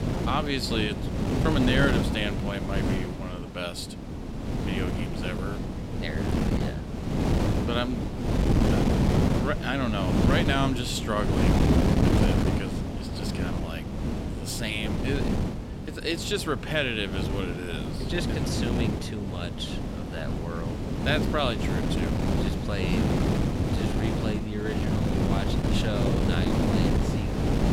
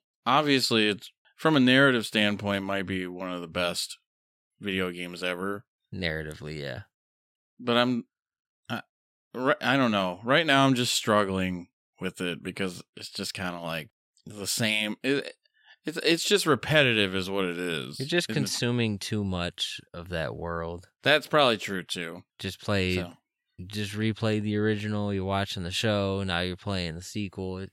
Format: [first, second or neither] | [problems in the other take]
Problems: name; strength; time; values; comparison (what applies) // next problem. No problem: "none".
second | wind noise on the microphone; heavy; 1 dB below the speech